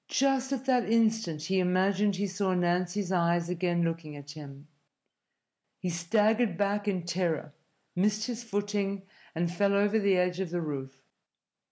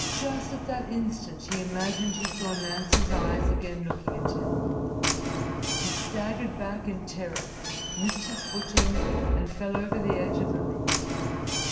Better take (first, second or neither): first